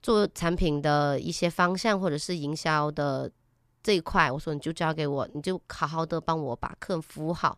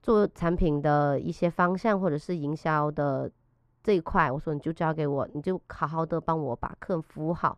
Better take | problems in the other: first | muffled; very; fading above 2.5 kHz

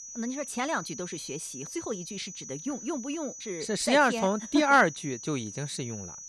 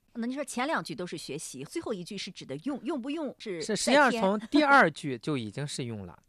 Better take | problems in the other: second | high-pitched whine; noticeable; throughout; 6 kHz, 10 dB below the speech

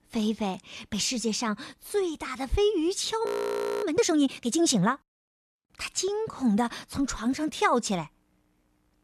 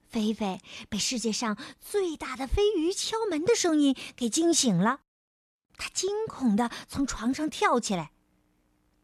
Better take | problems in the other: second | audio freezing; at 3.5 s for 0.5 s

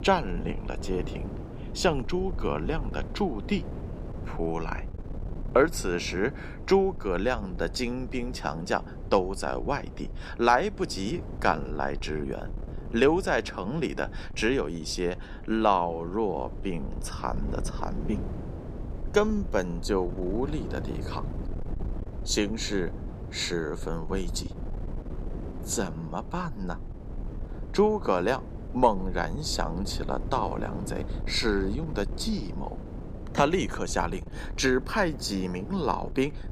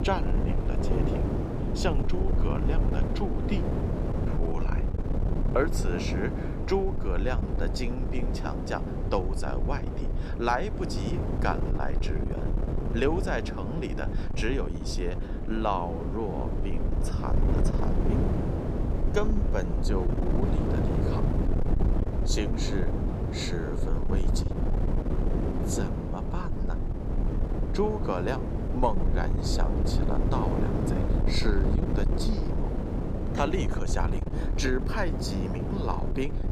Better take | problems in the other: first | wind noise on the microphone; heavy; 3 dB below the speech; occasional gusts in the first

